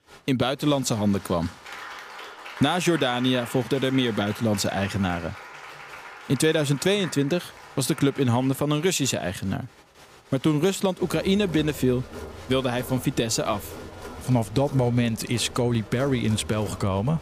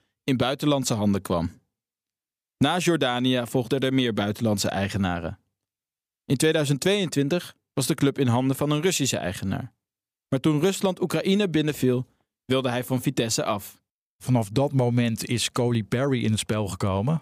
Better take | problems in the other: second | crowd noise; noticeable; throughout; 15 dB below the speech

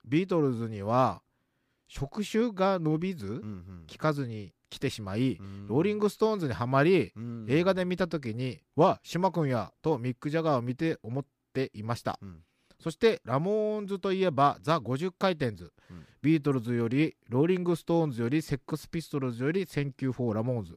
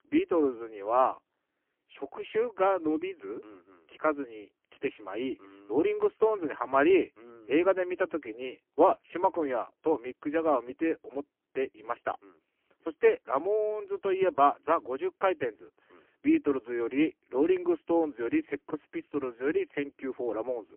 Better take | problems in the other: first | phone-call audio; poor line; nothing above 3 kHz

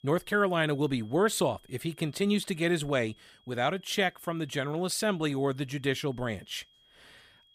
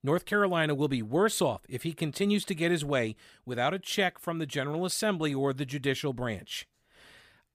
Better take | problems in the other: second | high-pitched whine; faint; throughout; 3.5 kHz, 30 dB below the speech

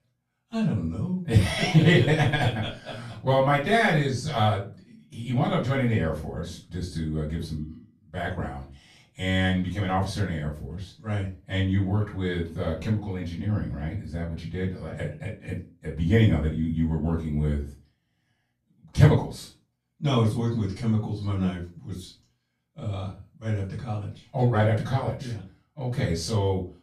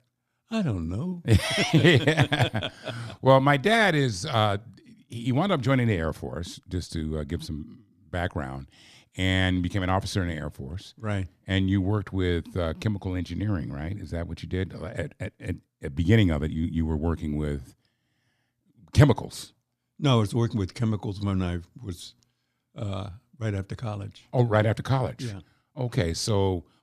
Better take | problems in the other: second | off-mic speech; far // room echo; slight; dies away in 0.3 s

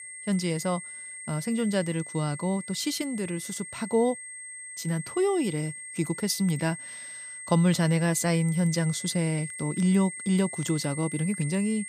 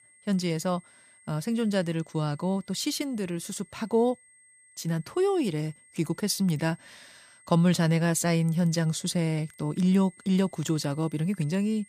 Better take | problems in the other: second | high-pitched whine; loud; throughout; 2 kHz, 10 dB below the speech; faint in the second

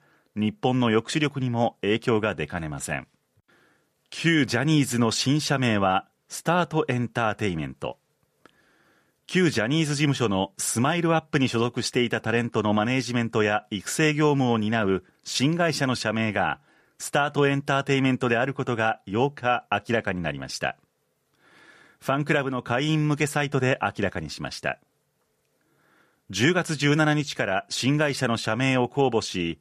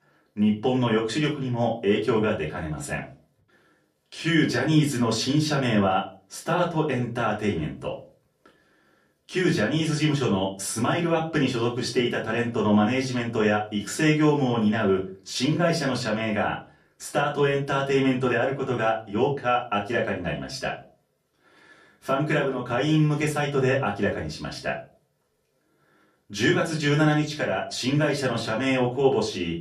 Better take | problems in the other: first | off-mic speech; far // room echo; very slight; dies away in 0.3 s

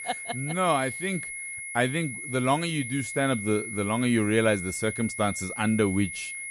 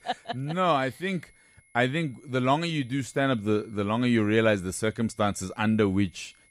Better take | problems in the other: second | high-pitched whine; loud; throughout; 2 kHz, 7 dB below the speech; faint in the second

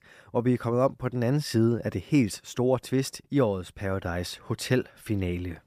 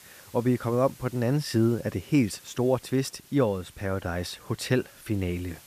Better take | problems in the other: first | hiss; faint; throughout; 25 dB below the speech

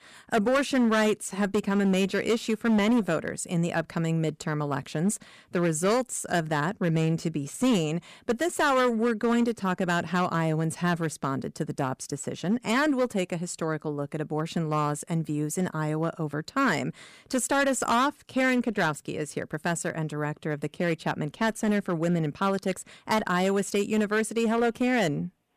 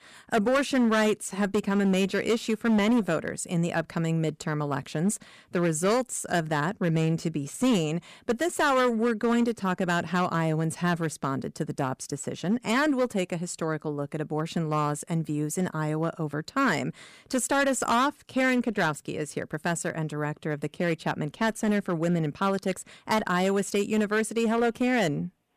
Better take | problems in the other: neither | distortion; slight; 6% of the sound clipped; the same in both

